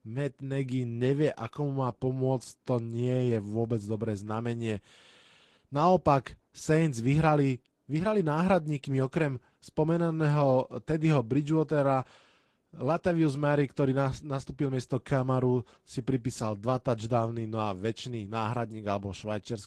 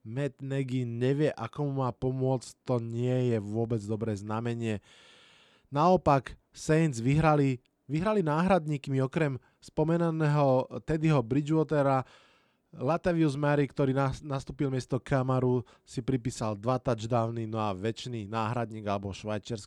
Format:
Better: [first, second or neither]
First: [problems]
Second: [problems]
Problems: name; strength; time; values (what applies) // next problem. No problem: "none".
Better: second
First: garbled, watery; slightly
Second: none